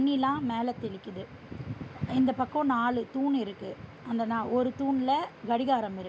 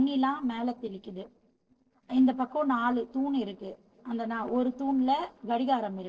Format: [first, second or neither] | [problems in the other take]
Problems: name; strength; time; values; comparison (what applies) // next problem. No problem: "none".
first | noise reduction (neural separator model SepFormer DNS4)